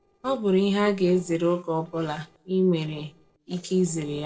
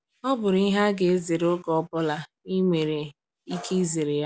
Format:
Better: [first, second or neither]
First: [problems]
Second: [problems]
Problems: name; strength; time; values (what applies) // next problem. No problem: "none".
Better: second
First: noise reduction (neural separator model SepFormer DNS4)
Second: none